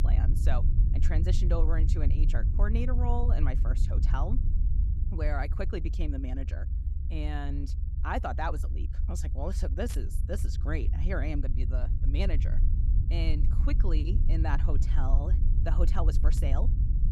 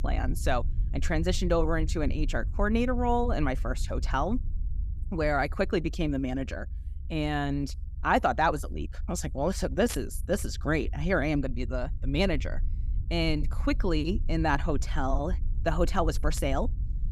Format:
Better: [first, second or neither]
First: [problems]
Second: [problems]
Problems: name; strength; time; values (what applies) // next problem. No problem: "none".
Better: second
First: low rumble; loud; throughout; 8 dB below the speech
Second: low rumble; faint; throughout; 25 dB below the speech